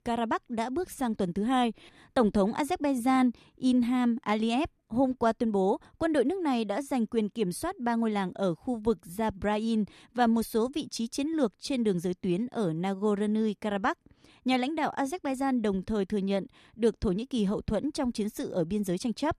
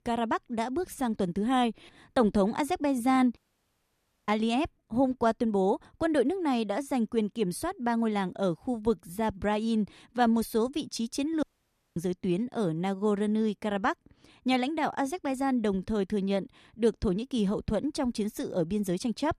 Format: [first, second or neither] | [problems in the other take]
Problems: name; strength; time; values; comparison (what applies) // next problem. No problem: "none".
first | audio cutting out; at 3.5 s for 1 s and at 11 s for 0.5 s